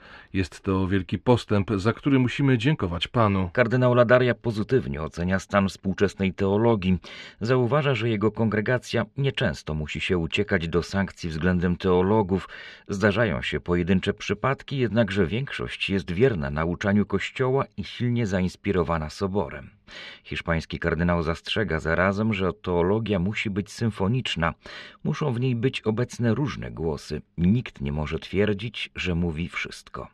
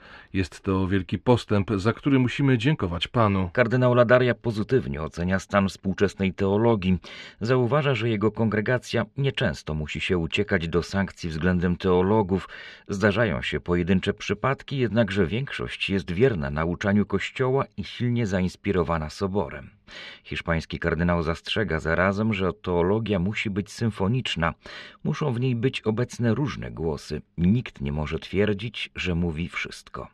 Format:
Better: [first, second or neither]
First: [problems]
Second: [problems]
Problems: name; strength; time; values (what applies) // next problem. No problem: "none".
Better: neither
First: muffled; slightly; fading above 3 kHz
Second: muffled; slightly; fading above 3 kHz